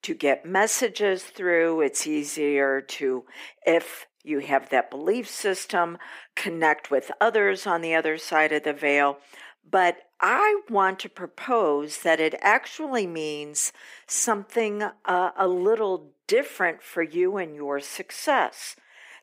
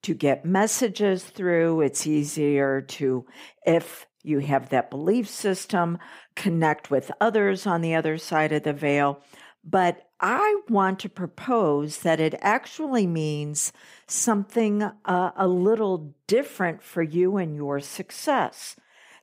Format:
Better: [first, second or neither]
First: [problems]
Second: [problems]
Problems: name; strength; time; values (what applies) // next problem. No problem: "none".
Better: second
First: thin; somewhat; fading below 300 Hz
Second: none